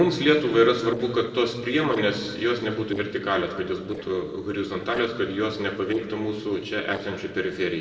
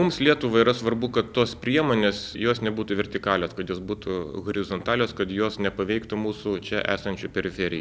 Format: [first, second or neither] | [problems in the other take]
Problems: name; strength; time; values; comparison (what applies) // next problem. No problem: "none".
second | noise reduction (neural separator model SepFormer DNS4)